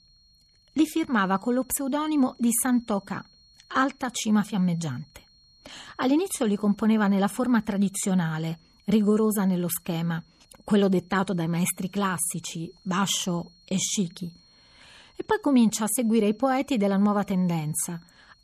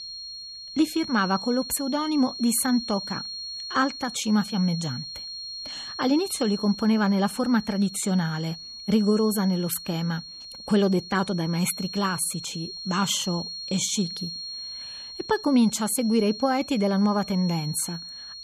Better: first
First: high-pitched whine; faint; throughout; 4.5 kHz, 30 dB below the speech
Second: high-pitched whine; loud; throughout; 4.5 kHz, 10 dB below the speech

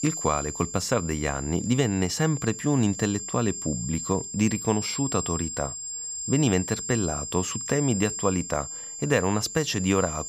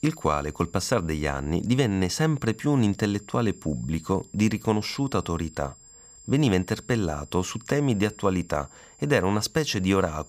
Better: second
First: high-pitched whine; loud; throughout; 7.5 kHz, 6 dB below the speech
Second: high-pitched whine; faint; throughout; 7.5 kHz, 25 dB below the speech

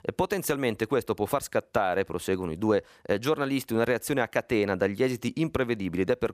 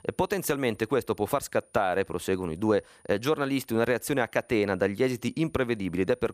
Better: first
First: none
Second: high-pitched whine; faint; throughout; 9.5 kHz, 35 dB below the speech

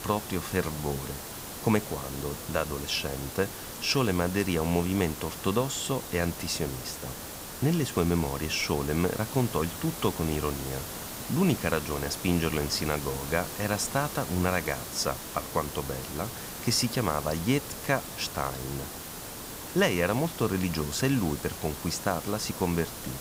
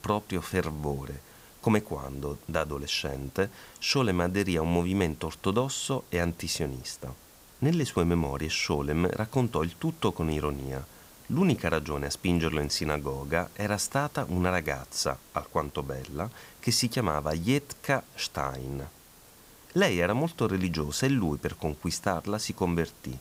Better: second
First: hiss; loud; throughout; 8 dB below the speech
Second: hiss; faint; throughout; 25 dB below the speech

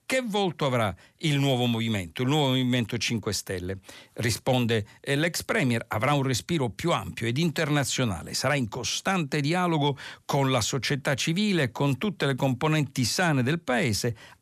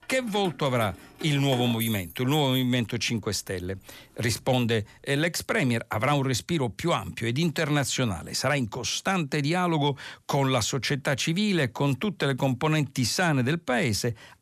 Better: first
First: none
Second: jangling keys; noticeable; until 4.5 s; peak 7 dB below the speech

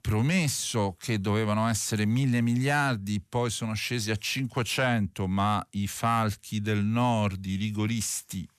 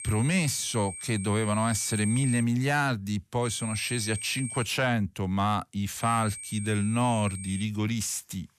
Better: first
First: none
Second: high-pitched whine; loud; until 2.5 s, from 3.5 to 4.5 s and from 6 to 7.5 s; 8.5 kHz, 8 dB below the speech

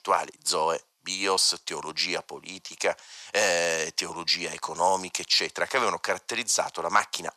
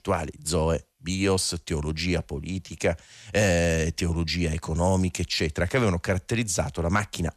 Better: second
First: thin; very; fading below 550 Hz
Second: none

